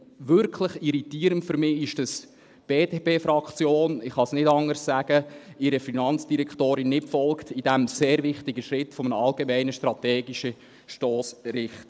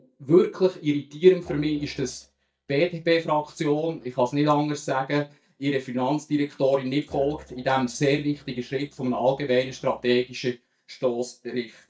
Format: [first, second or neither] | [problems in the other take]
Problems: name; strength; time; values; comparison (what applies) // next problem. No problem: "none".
first | noise reduction (neural mask model DeepFilterNet 3)